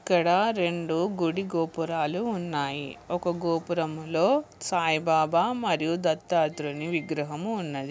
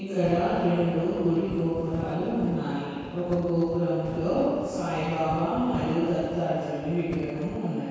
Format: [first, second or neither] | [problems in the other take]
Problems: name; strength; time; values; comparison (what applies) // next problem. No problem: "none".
first | background sound (Wind); 13 dB below the speech // room echo; dies away in 2 s